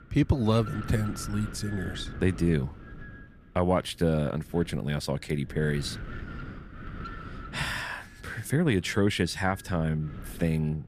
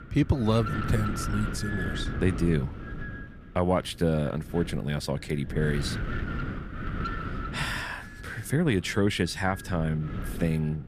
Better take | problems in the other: first | wind noise on the microphone; heavy; 6 dB below the speech; occasional gusts in the first

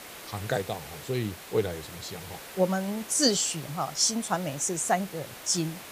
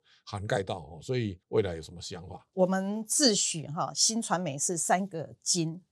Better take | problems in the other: second | hiss; noticeable; throughout; 15 dB below the speech

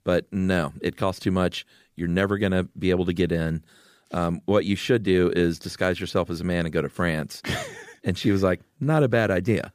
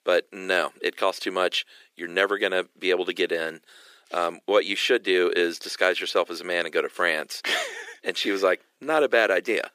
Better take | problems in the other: first | thin; very; fading below 350 Hz

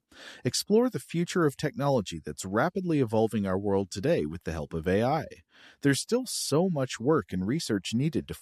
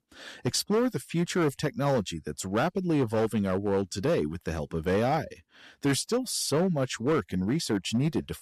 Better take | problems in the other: first | distortion; slight; 8% of the sound clipped

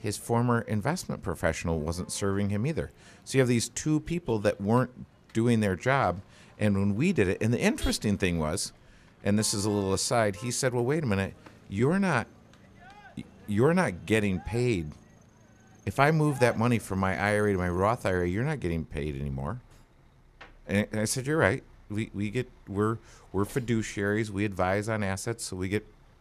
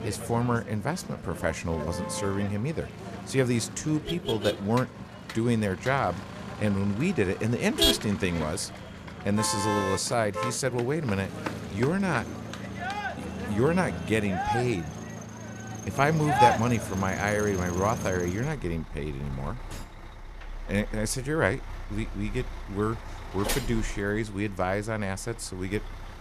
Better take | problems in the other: first | traffic noise; loud; throughout; 5 dB below the speech; faint in the first

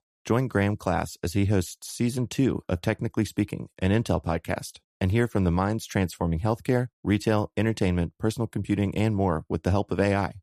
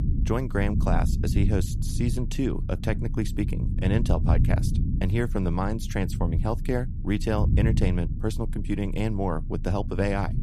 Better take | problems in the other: first | low rumble; loud; throughout; 9 dB below the speech

